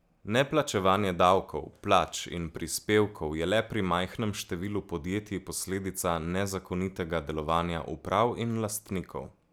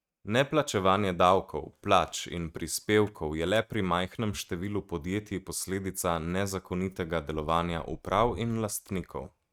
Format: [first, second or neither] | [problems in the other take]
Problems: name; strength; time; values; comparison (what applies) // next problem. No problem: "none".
first | noise reduction (neural mask model RNNoise)